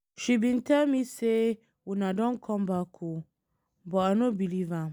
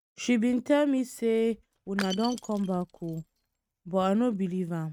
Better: first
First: none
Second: noise reduction (neural mask model RNNoise)

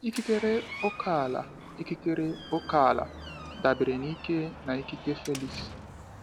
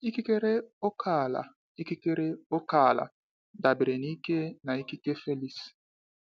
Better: second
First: background sound (Door); 12 dB below the speech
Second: none

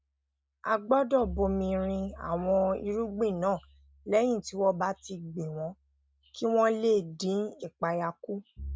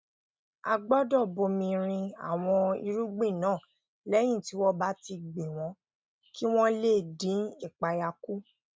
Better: second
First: background sound (Bowed string instrument); 17 dB below the speech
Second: none

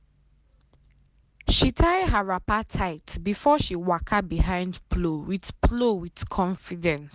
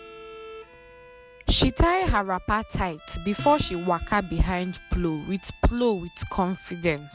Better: first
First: none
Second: background sound (Bowed string instrument + Acoustic guitar); 18 dB below the speech

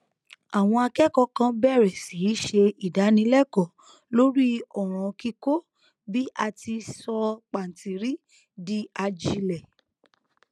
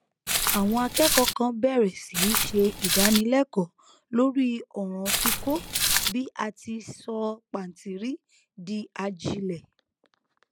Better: first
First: none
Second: background sound (Walk, footsteps); 2 dB above the speech

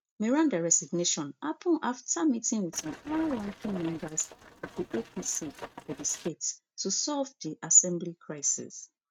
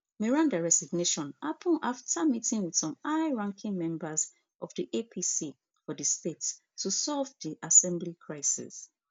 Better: second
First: noise reduction (neural mask model RNNoise)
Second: none

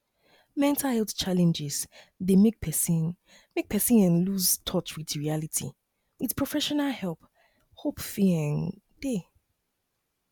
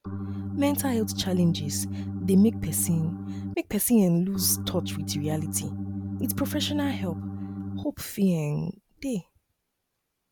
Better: first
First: none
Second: background sound (Organ); 5 dB below the speech

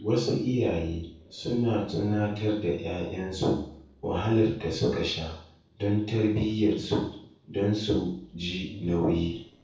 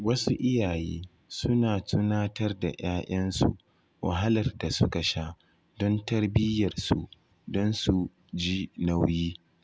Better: second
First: noise reduction (neural separator model SepFormer DNS4)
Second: none

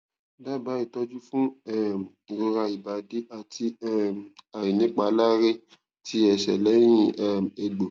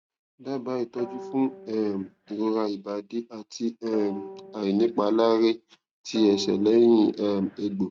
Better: first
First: none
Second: noise reduction (neural mask model RNNoise)

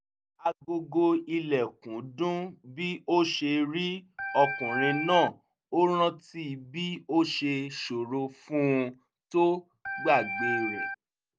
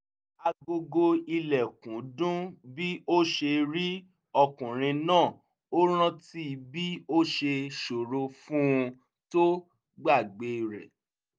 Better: second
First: background sound (Organ); 3 dB below the speech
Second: none

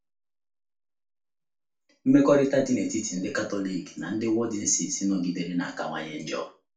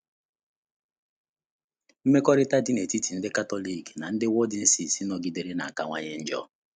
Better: second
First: room echo; dies away in 0.3 s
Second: none

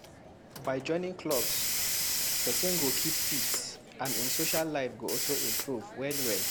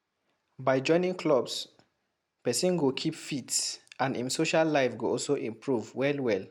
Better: second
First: background sound (Hiss); 3 dB above the speech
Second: none

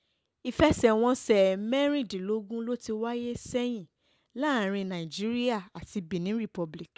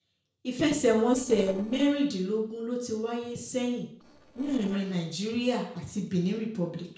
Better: first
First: none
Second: noise reduction (neural separator model SepFormer DNS4)

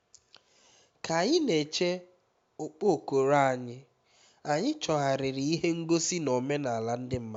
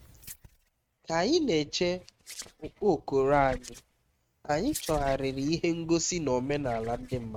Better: first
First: none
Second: noise reduction (neural mask model RNNoise)

